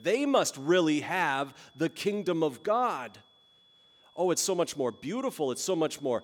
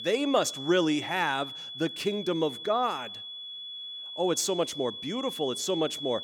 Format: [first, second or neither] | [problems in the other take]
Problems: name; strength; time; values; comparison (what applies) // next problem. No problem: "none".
first | high-pitched whine; loud; throughout; 3.5 kHz, 8 dB below the speech; faint in the first